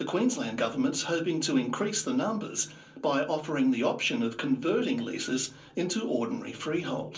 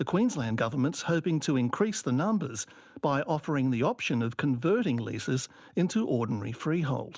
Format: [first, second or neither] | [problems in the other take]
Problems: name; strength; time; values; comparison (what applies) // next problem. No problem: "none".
second | room echo; dies away in 0.3 s